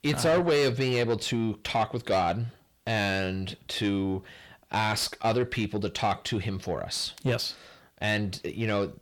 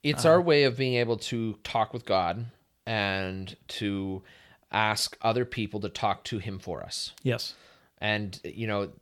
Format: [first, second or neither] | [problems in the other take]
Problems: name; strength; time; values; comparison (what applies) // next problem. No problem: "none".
second | distortion; heavy; 8 dB below the speech